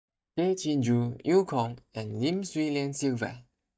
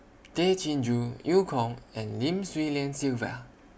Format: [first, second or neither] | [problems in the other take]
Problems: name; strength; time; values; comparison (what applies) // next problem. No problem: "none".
second | noise reduction (neural mask model DeepFilterNet 3)